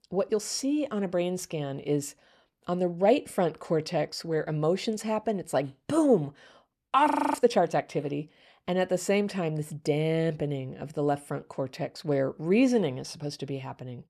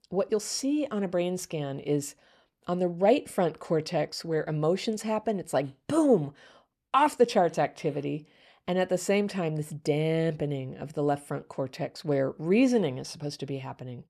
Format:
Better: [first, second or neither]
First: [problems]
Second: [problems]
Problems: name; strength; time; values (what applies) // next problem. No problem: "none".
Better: second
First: audio freezing; at 7 s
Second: none